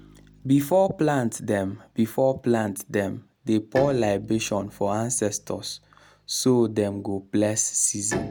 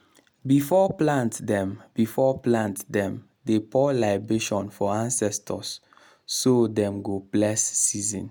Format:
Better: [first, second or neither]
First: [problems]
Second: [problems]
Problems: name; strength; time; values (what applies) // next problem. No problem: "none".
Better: second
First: background sound (Bowed string instrument); 17 dB below the speech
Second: none